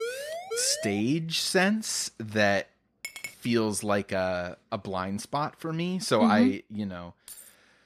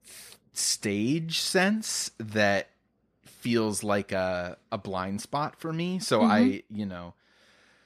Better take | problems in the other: second | siren; noticeable; until 1 s; peak 7 dB below the speech // clattering dishes; faint; at 3 s; peak 10 dB below the speech // jangling keys; faint; at 7.5 s; peak 20 dB below the speech

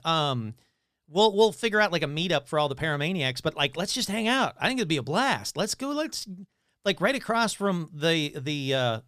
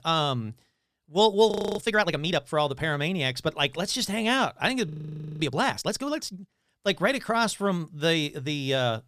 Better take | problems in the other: first | audio freezing; at 1.5 s and at 5 s for 0.5 s

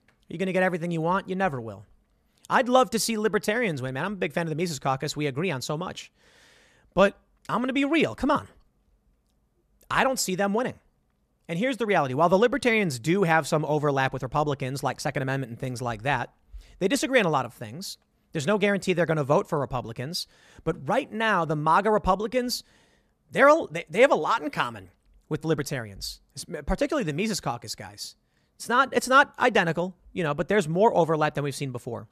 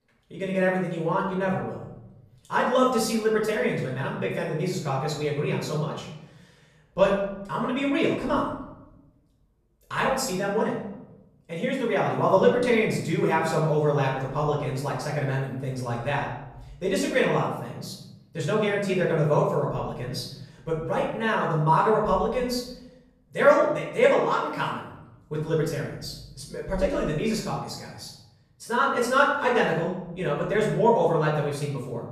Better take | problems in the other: first | off-mic speech; far // room echo; noticeable; dies away in 0.9 s

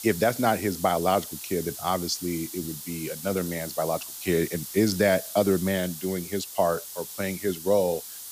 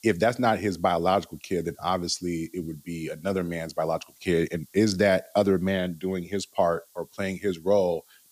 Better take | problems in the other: second | hiss; loud; throughout; 9 dB below the speech; faint in the second

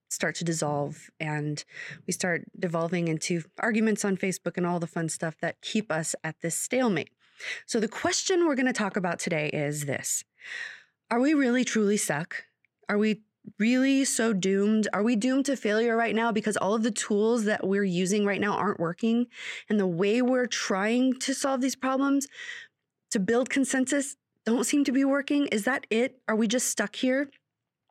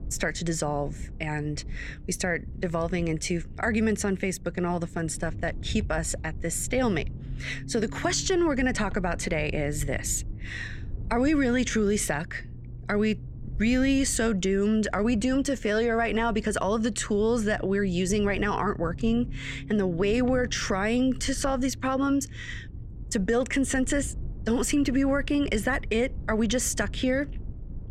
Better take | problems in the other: first | low rumble; faint; throughout; 25 dB below the speech

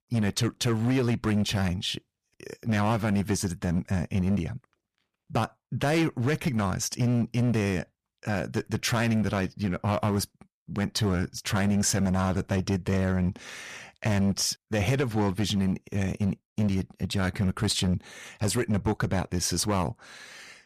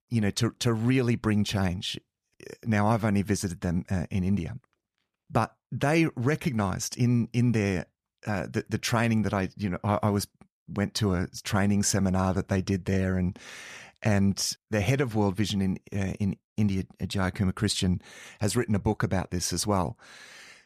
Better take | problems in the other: second | distortion; slight; 9% of the sound clipped

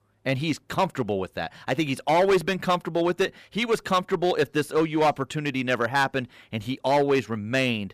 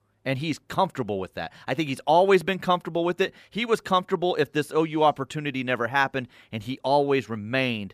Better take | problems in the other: second | distortion; slight; 5% of the sound clipped

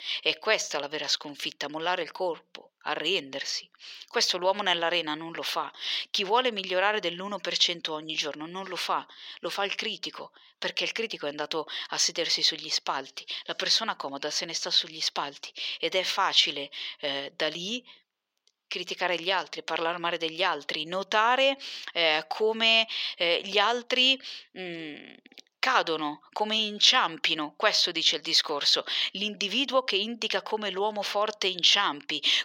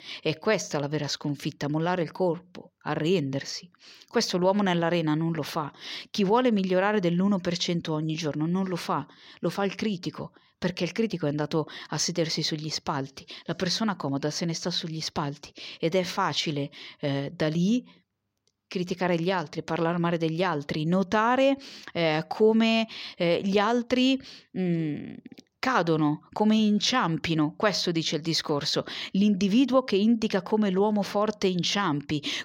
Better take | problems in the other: second | thin; very; fading below 550 Hz

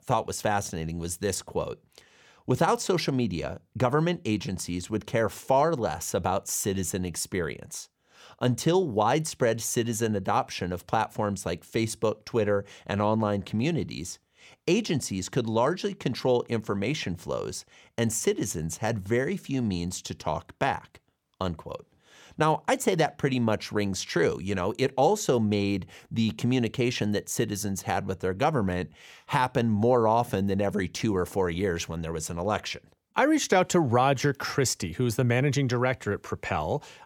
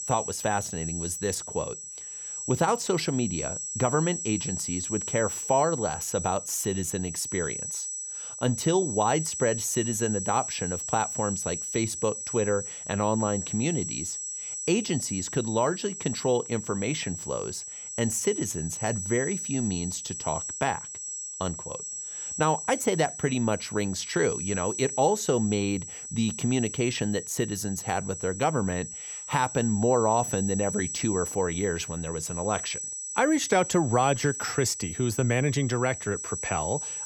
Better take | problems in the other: first | high-pitched whine; loud; throughout; 7.5 kHz, 5 dB below the speech

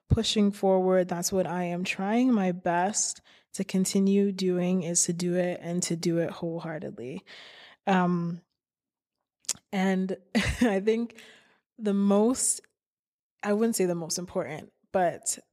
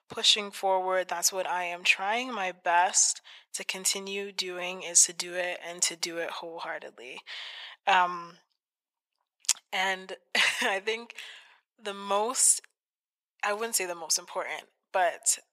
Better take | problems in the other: first | thin; very; fading below 900 Hz

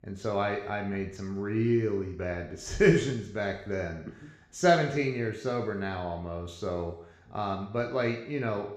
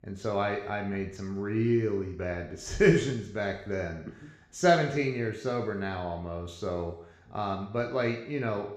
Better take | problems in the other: neither | room echo; slight; dies away in 0.7 s; the same in both

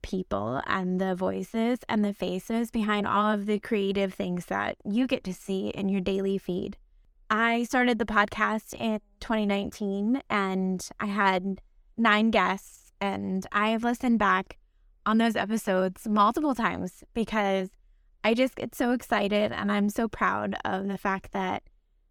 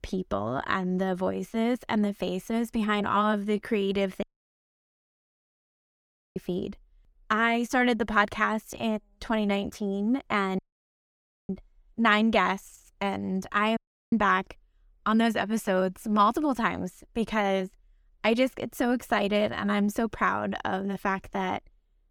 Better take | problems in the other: first | audio cutting out; at 4 s for 2 s, at 11 s for 1 s and at 14 s

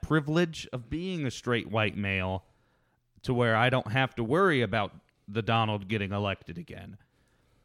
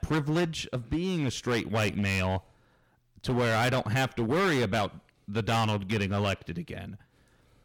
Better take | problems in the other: first | distortion; heavy; 12% of the sound clipped

